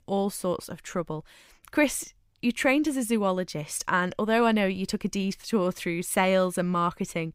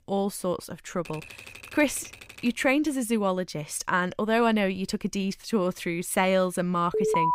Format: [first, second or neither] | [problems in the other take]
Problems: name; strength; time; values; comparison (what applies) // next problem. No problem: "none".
first | keyboard typing; faint; from 1 to 2.5 s; peak 15 dB below the speech // alarm; loud; at 7 s; peak 2 dB above the speech